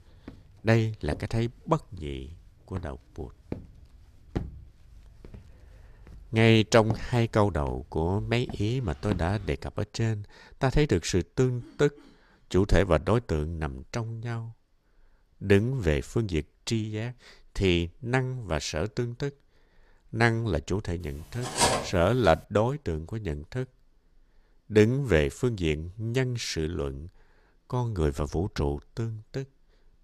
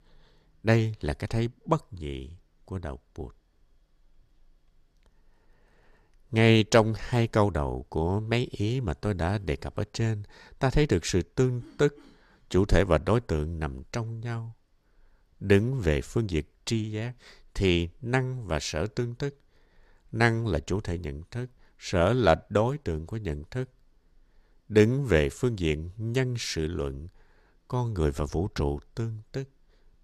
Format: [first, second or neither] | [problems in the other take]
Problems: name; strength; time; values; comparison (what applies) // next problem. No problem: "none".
second | footsteps; noticeable; until 9.5 s; peak 9 dB below the speech // clattering dishes; loud; at 21 s; peak 3 dB above the speech